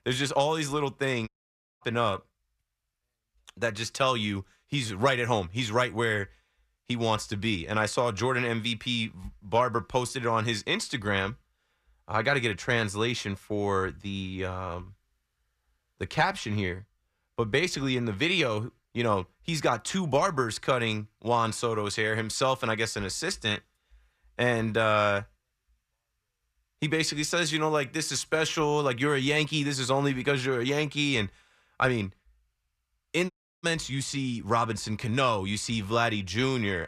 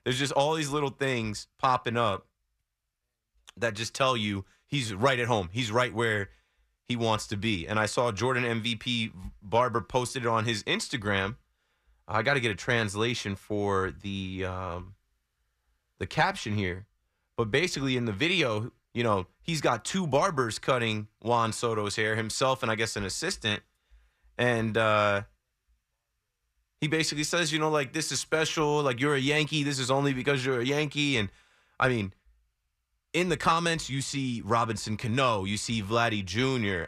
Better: second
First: audio cutting out; at 1.5 s for 0.5 s and at 33 s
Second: none

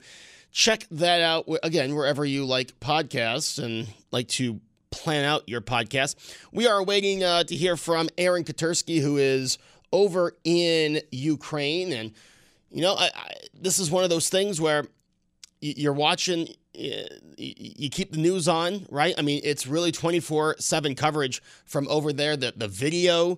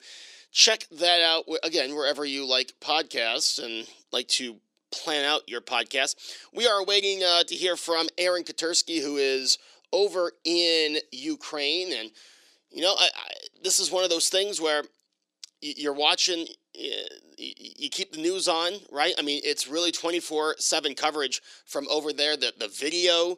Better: first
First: none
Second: thin; somewhat; fading below 300 Hz

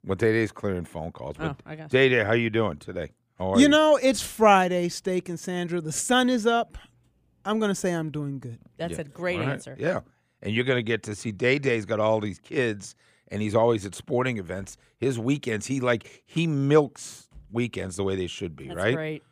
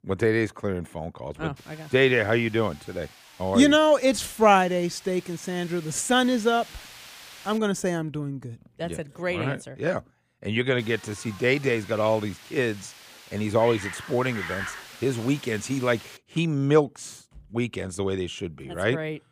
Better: first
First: none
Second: hiss; noticeable; from 1.5 to 7.5 s and from 11 to 16 s; 15 dB below the speech

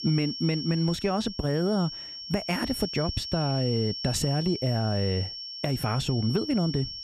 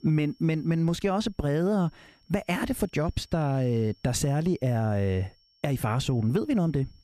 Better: second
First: high-pitched whine; loud; throughout; 5.5 kHz, 7 dB below the speech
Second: high-pitched whine; faint; throughout; 5.5 kHz, 35 dB below the speech

